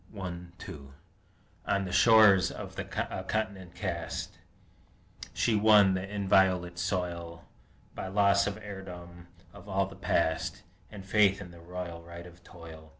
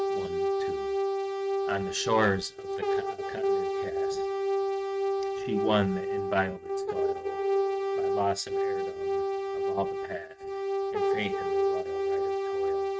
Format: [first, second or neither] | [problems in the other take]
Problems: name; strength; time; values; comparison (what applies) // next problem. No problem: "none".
first | noise reduction (neural mask model RNNoise)